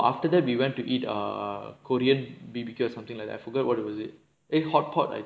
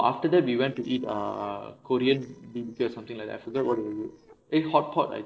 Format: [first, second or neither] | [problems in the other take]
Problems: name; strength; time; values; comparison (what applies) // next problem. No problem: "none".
first | noise reduction (neural separator model SepFormer DNS4)